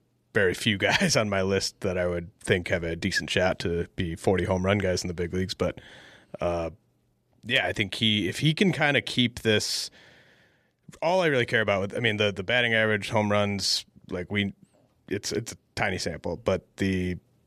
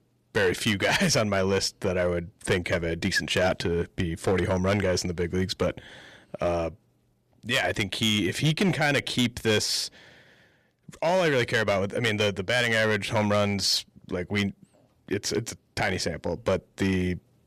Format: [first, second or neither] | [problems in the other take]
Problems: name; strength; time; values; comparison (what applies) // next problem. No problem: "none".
first | distortion; slight; 5% of the sound clipped